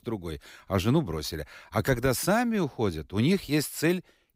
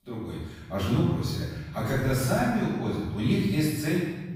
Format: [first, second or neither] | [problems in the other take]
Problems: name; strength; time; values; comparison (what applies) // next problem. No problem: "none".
first | off-mic speech; far // room echo; strong; dies away in 1.3 s